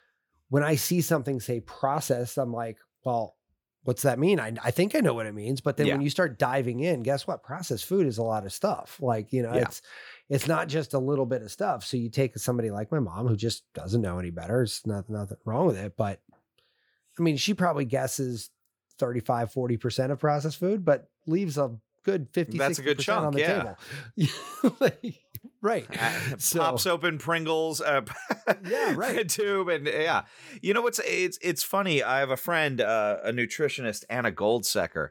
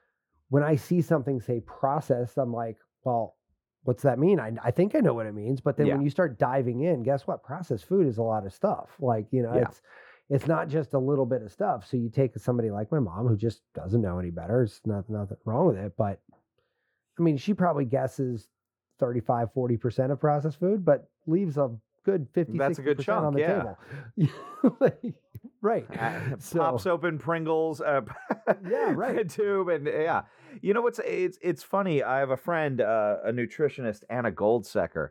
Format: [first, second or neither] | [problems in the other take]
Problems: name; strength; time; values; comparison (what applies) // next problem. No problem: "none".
first | muffled; very; fading above 2 kHz